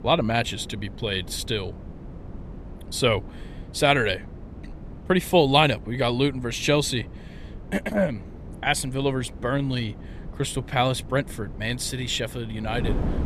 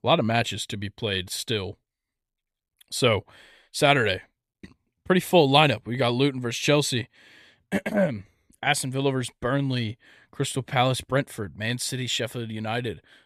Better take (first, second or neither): second